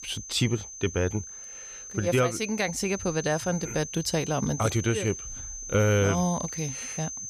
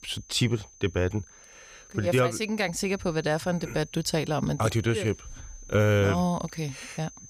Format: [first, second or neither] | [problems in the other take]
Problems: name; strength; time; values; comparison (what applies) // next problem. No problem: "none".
second | high-pitched whine; loud; throughout; 6 kHz, 9 dB below the speech; faint in the second